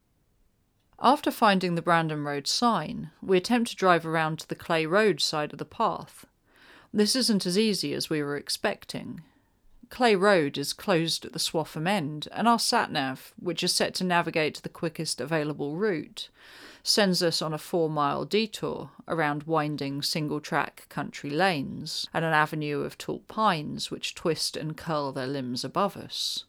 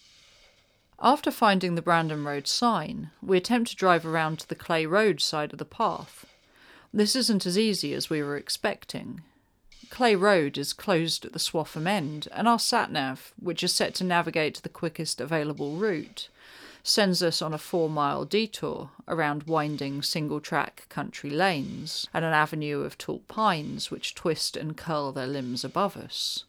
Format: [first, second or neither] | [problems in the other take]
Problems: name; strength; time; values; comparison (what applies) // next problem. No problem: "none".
first | hiss; faint; throughout; 30 dB below the speech